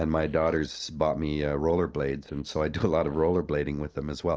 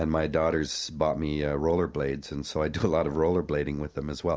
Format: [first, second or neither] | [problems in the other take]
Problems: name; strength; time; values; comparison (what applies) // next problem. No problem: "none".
second | noise reduction (neural separator model SepFormer DNS4)